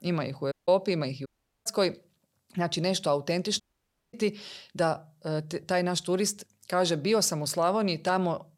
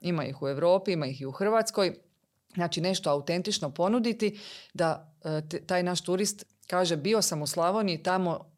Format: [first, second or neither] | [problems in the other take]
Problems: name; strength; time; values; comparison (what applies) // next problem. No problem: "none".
second | audio cutting out; at 0.5 s, at 1.5 s and at 3.5 s for 0.5 s